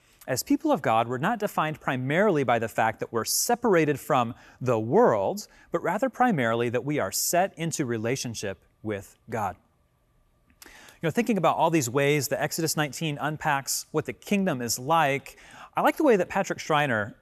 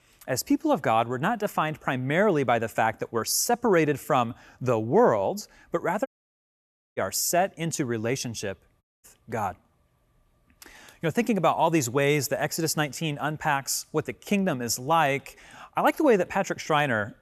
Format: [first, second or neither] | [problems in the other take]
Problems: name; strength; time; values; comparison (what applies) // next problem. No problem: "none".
first | audio cutting out; at 6 s for 1 s and at 9 s